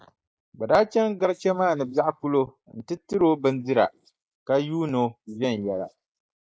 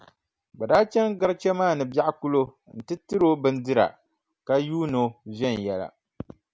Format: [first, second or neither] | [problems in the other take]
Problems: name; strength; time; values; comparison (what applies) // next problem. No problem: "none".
second | noise reduction (neural mask model Resemble Enhance denoiser)